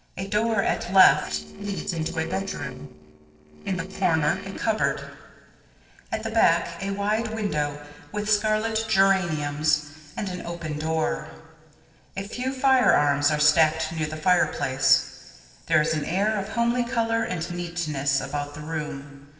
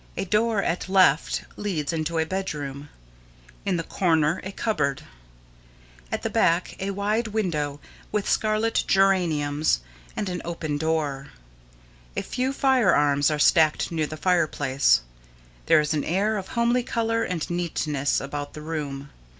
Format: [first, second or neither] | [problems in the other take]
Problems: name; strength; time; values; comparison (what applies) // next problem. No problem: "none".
second | noise reduction (neural separator model SepFormer DNS4)